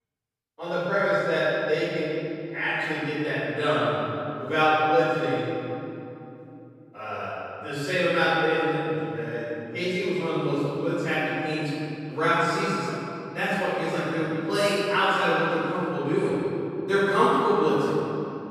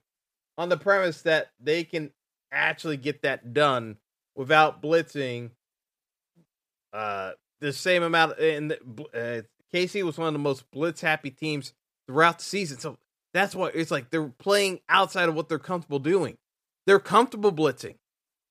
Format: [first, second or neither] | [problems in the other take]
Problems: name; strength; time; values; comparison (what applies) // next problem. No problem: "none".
second | off-mic speech; far // room echo; strong; dies away in 2.9 s